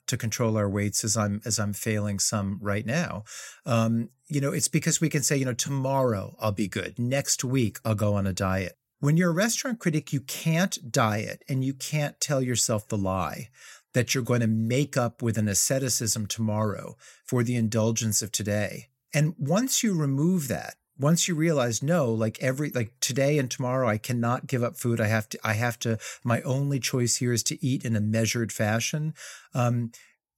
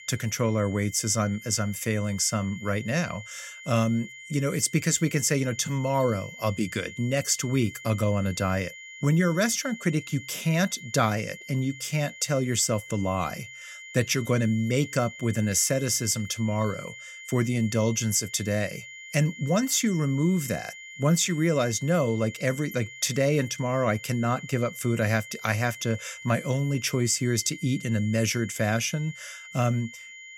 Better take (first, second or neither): first